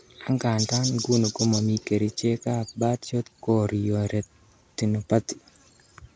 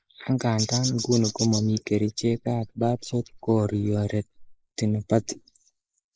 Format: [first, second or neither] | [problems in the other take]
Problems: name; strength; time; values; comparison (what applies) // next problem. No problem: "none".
first | noise reduction (neural mask model Resemble Enhance denoiser)